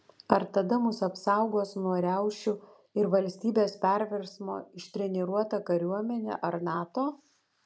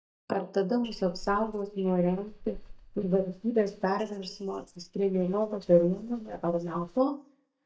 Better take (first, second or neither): first